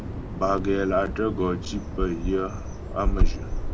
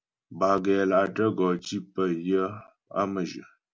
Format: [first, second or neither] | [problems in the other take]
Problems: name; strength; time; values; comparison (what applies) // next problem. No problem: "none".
second | background sound (Bird vocalization, bird call, bird song); 1 dB above the speech